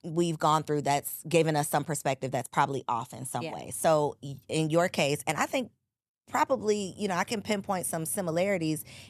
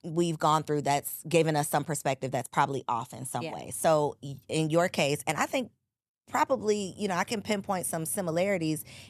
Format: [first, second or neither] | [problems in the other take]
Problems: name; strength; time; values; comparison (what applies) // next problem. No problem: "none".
neither | none